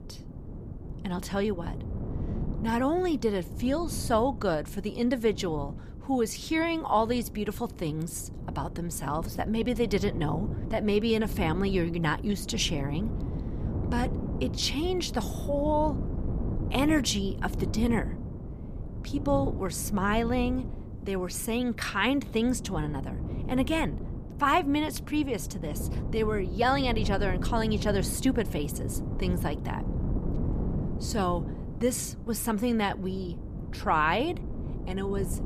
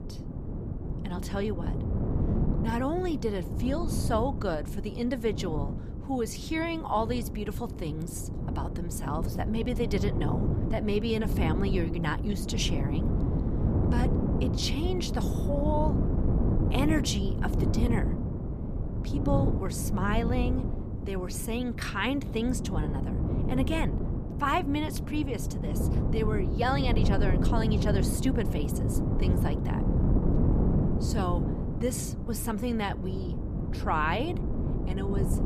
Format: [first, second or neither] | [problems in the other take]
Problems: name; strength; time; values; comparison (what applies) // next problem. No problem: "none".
first | wind noise on the microphone; heavy; 6 dB below the speech; occasional gusts in the first